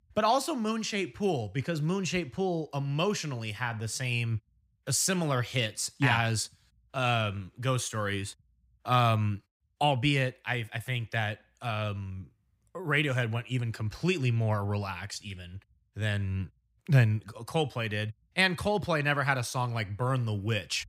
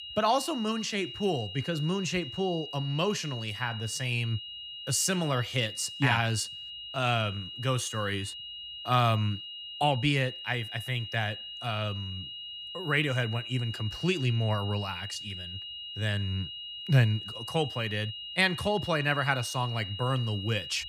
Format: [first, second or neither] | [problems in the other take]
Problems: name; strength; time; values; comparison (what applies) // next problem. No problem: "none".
first | high-pitched whine; loud; throughout; 3 kHz, 9 dB below the speech